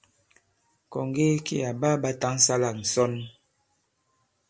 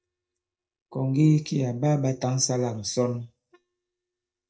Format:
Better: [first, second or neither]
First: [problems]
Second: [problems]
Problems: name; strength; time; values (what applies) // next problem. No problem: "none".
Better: first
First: none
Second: noise reduction (neural mask model DeepFilterNet 3)